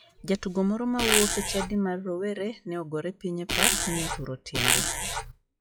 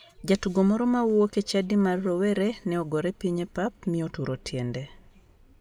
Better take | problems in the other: second | noise reduction (classical method log-MMSE)

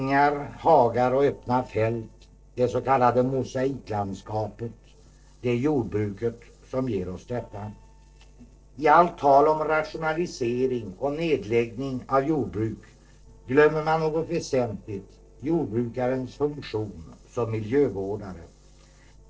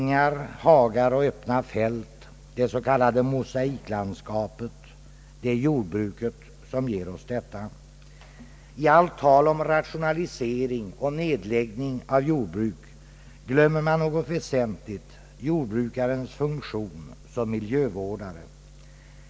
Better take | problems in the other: second | noise reduction (neural separator model SepFormer DNS4)

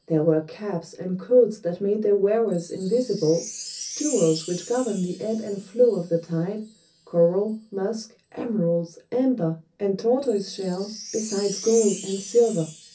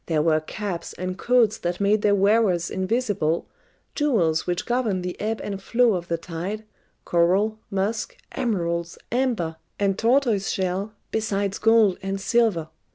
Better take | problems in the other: second | background sound (Wind chime); 16 dB below the speech // room echo; dies away in 0.3 s

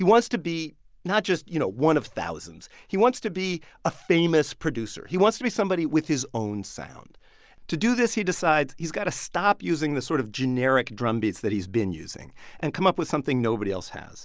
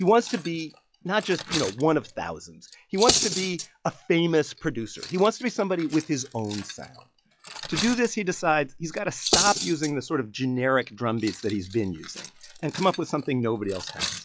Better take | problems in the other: first | noise reduction (classical method log-MMSE)

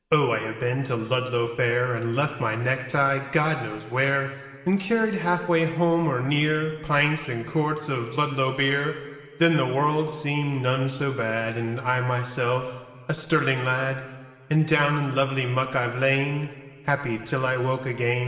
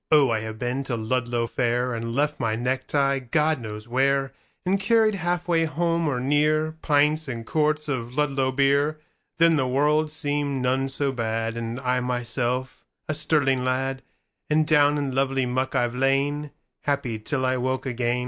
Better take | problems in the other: second | room echo; dies away in 1.7 s

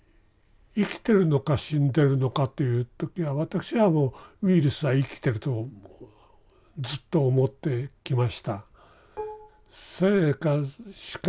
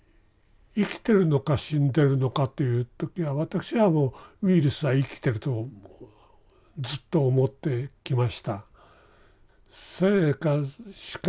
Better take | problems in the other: second | background sound (Dishes, pots, and pans); 16 dB below the speech

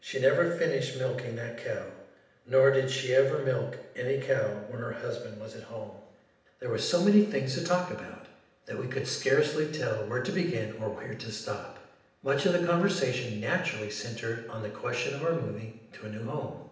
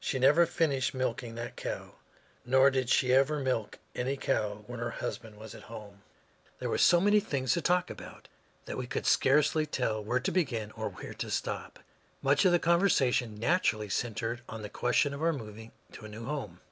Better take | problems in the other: second | room echo; dies away in 0.8 s

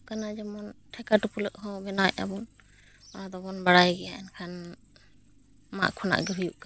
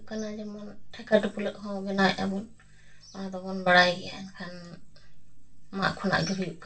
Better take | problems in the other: first | room echo; dies away in 0.2 s

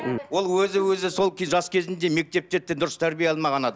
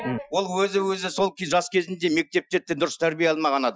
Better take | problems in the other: first | noise reduction (classical method Wiener filter)

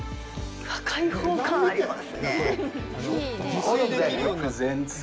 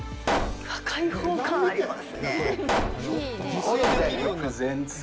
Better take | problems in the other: first | background sound (Explosion); 3 dB below the speech

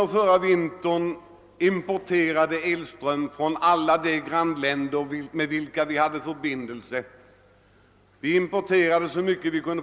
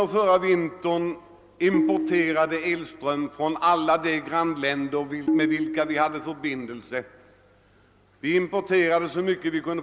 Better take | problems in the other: first | background sound (Tabla); 5 dB below the speech

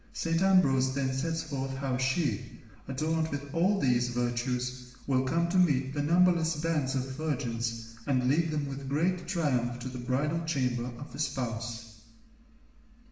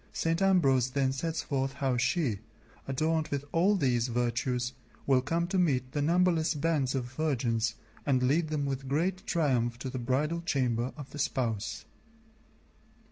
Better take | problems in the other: second | room echo; dies away in 1 s

